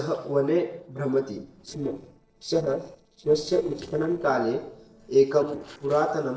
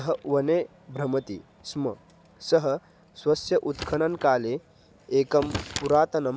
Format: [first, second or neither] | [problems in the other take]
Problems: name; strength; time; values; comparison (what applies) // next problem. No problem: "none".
second | noise reduction (neural separator model SepFormer DNS4)